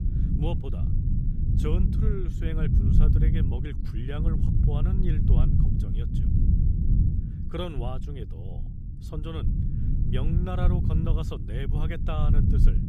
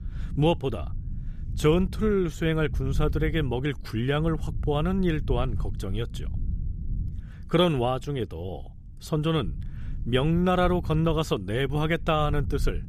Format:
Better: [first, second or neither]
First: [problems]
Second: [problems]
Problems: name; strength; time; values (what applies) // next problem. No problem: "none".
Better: second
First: low rumble; loud; throughout; 1 dB below the speech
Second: low rumble; faint; throughout; 20 dB below the speech